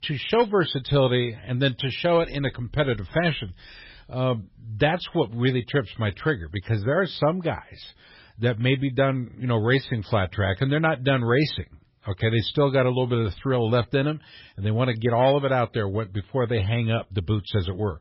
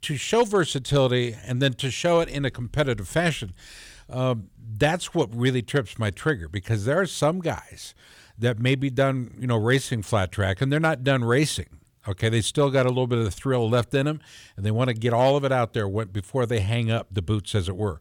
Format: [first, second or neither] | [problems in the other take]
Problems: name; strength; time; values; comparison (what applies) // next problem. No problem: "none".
second | garbled, watery; badly; nothing above 5.5 kHz